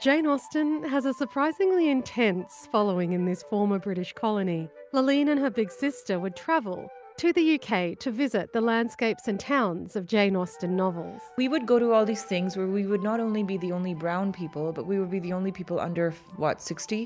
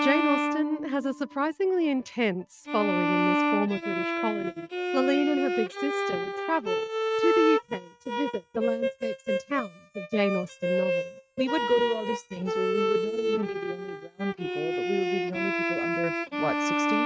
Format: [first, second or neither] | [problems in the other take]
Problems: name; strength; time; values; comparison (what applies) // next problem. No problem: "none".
first | noise reduction (neural mask model RNNoise)